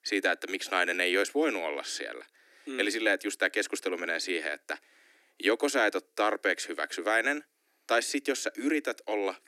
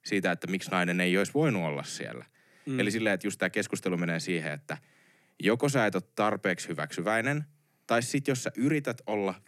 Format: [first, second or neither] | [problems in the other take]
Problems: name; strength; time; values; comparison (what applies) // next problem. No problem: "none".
second | thin; somewhat; fading below 300 Hz